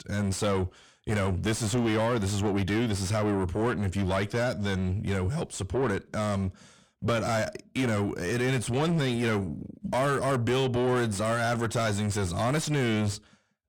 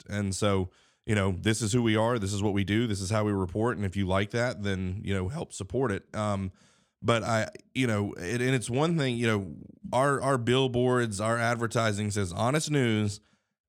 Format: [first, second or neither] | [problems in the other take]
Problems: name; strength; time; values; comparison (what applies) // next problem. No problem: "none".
second | distortion; heavy; 6 dB below the speech